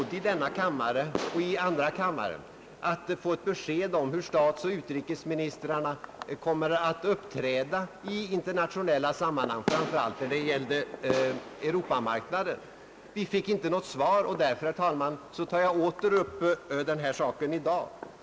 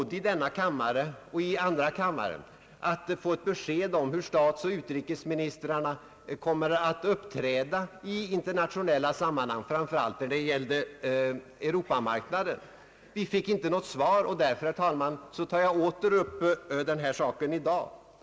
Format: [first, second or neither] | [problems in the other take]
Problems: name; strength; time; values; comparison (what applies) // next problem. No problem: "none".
second | background sound (Fireworks); 13 dB below the speech